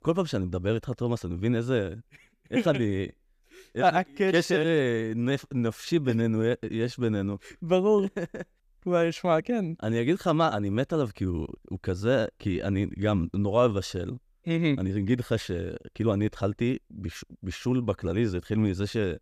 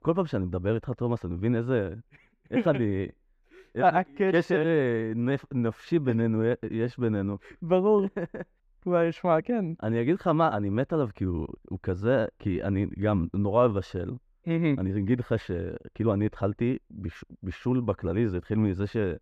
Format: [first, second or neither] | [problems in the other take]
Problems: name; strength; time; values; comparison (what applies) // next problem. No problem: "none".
first | muffled; slightly; fading above 3.5 kHz